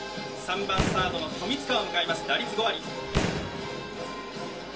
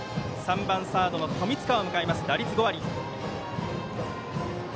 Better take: second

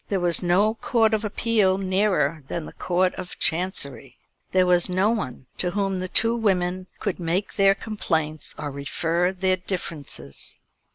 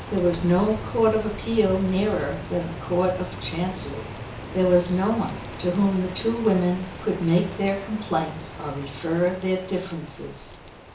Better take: first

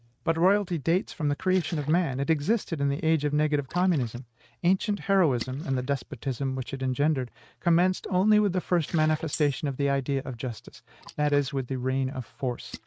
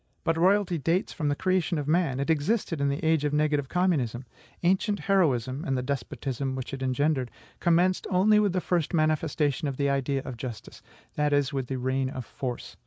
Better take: second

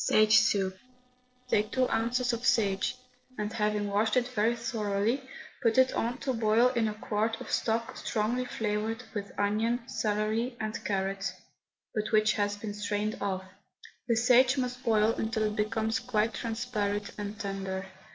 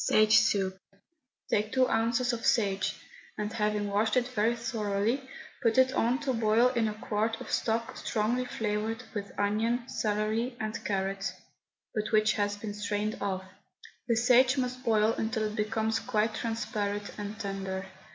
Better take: second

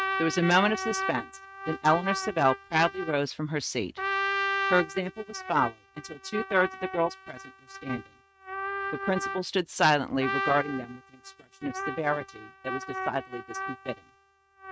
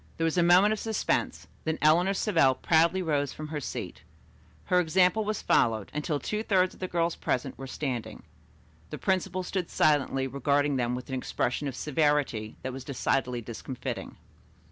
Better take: second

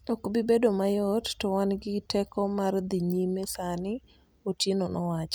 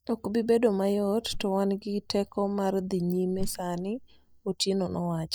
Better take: first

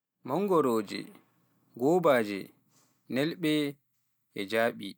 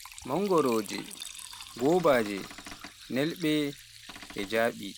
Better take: first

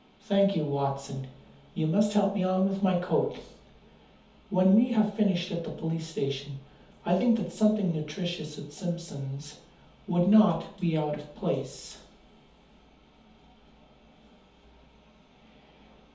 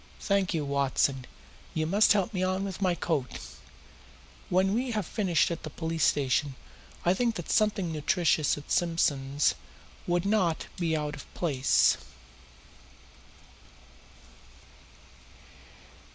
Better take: second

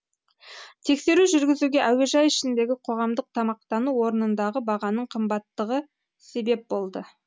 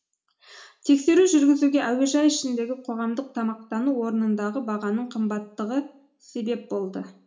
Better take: first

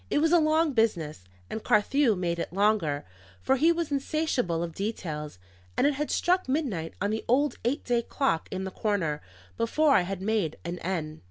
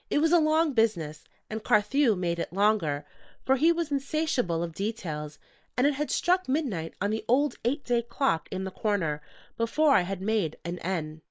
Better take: first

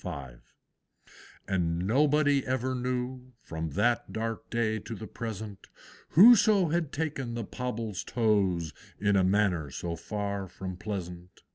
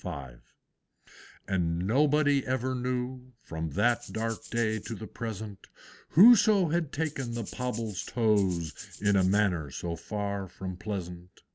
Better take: first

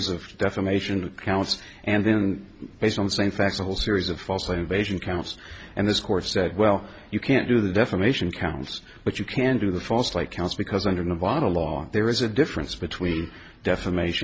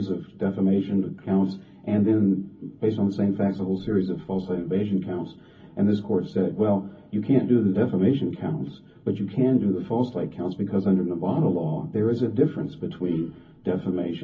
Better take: first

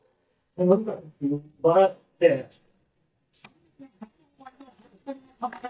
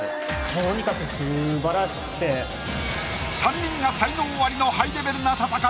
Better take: second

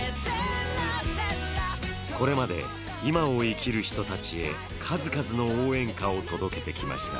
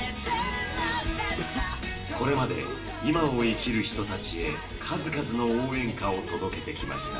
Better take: first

